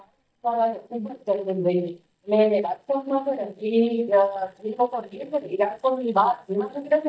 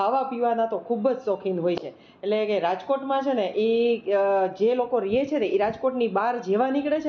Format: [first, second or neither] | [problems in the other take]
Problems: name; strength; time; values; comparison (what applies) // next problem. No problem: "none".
second | noise reduction (neural mask model DeepFilterNet 3)